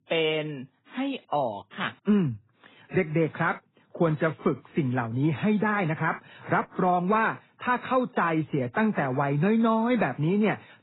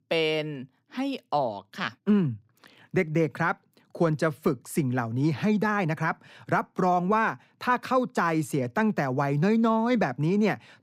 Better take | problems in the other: second | garbled, watery; badly; nothing above 4 kHz

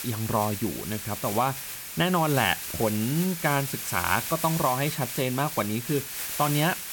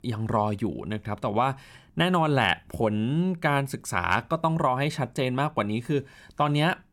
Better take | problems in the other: second | hiss; loud; throughout; 5 dB below the speech

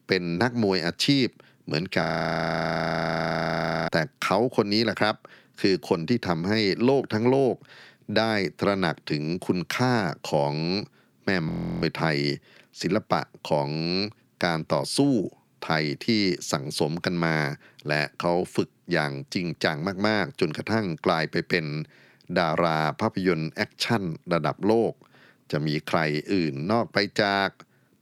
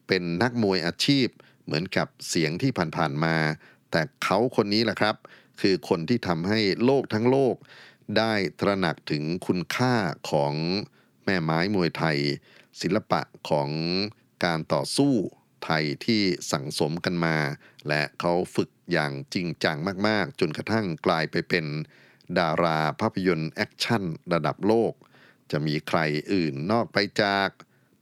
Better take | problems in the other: second | audio freezing; at 2 s for 2 s and at 11 s

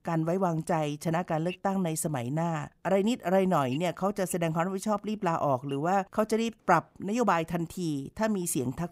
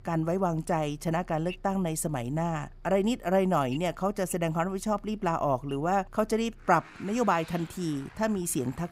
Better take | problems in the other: first | traffic noise; faint; throughout; 25 dB below the speech

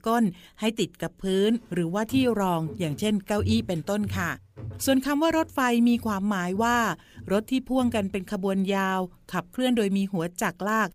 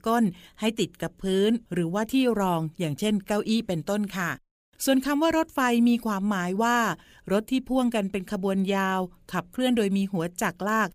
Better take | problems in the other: second | footsteps; noticeable; from 2 to 8 s; peak 6 dB below the speech

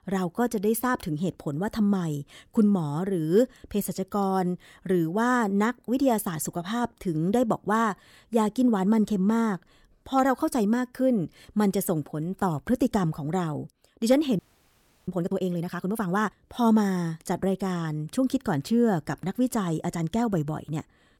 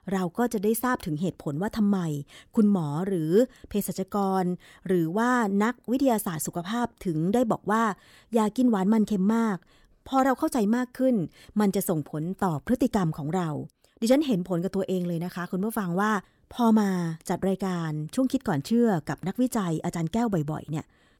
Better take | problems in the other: second | audio freezing; at 14 s for 0.5 s

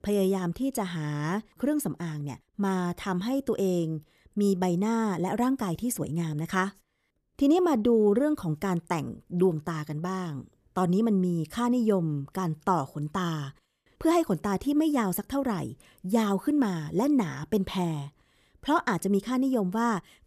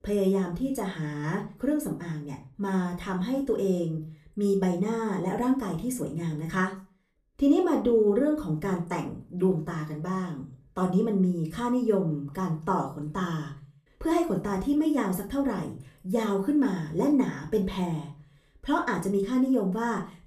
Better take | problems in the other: first | off-mic speech; far // room echo; very slight; dies away in 0.3 s

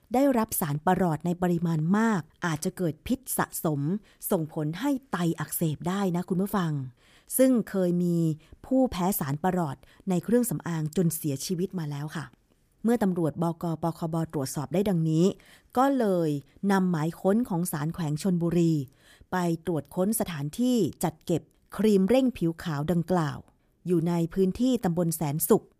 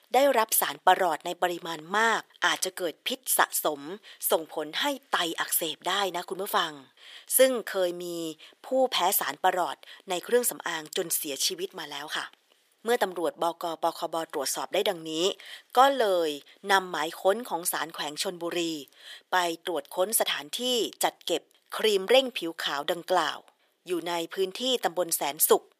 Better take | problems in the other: first | thin; very; fading below 500 Hz

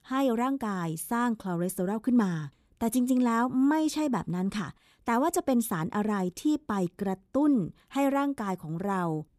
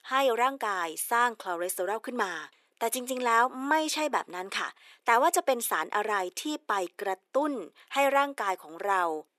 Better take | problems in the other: first | thin; very; fading below 450 Hz

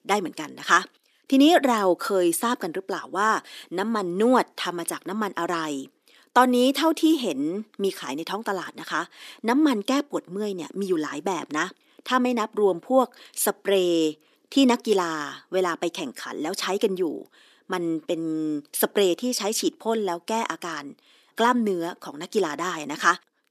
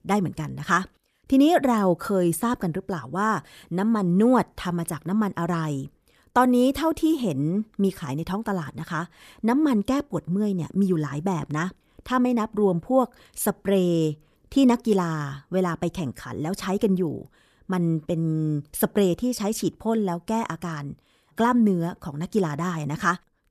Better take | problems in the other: second | thin; very slightly; fading below 300 Hz

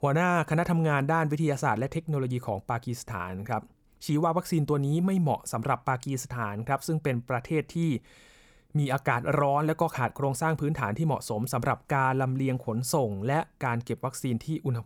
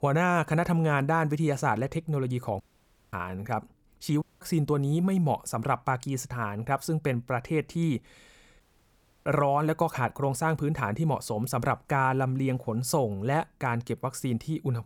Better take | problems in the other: first | audio cutting out; at 2.5 s for 0.5 s, at 4 s and at 8.5 s for 0.5 s

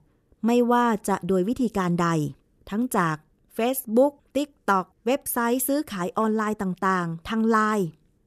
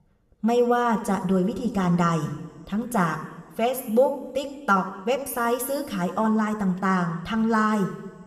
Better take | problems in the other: first | room echo; slight; dies away in 1.8 s

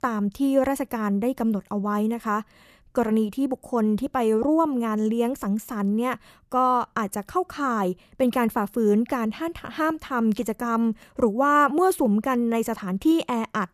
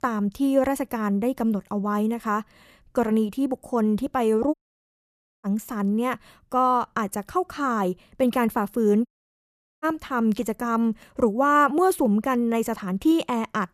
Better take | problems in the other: first | audio cutting out; at 4.5 s for 1 s and at 9 s for 1 s

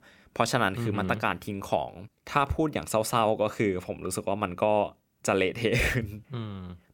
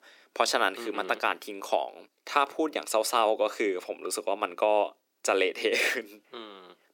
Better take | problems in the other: first | thin; somewhat; fading below 300 Hz

